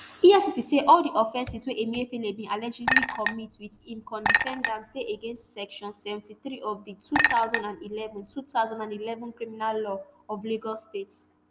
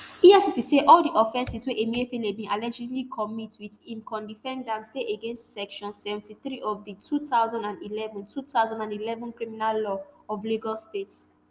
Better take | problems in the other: second | background sound (Chink, clink); 1 dB below the speech

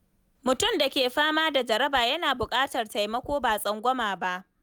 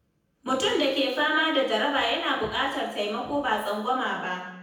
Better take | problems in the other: first | room echo; dies away in 0.9 s

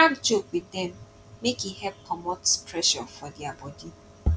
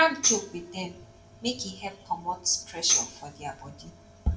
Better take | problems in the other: first | background sound (Tambourine); 1 dB below the speech // room echo; dies away in 0.4 s

